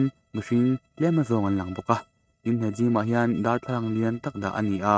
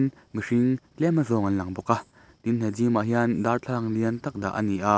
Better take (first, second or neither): second